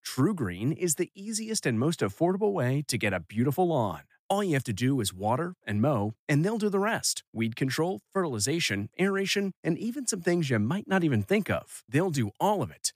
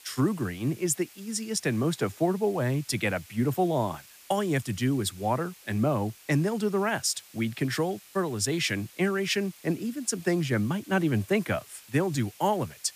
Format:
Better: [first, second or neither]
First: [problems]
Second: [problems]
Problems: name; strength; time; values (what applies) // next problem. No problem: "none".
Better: first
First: none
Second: hiss; faint; throughout; 20 dB below the speech